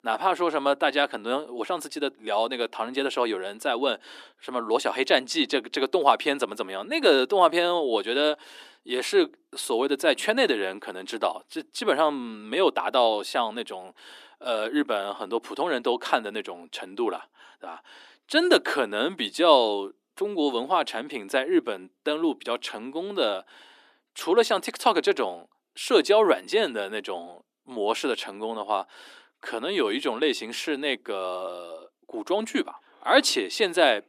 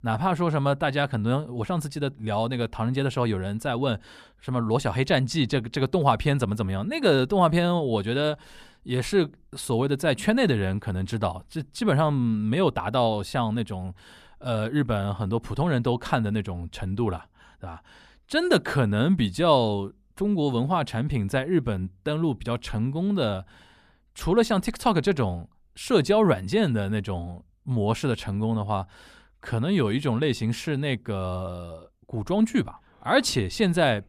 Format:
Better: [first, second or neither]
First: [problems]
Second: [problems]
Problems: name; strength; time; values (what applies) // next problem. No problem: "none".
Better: second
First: thin; somewhat; fading below 300 Hz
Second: none